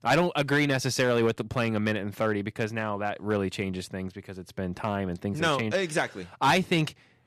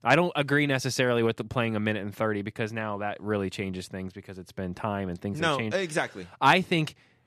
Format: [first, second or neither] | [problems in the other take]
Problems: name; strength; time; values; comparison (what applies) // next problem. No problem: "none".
second | distortion; slight; 2% of the sound clipped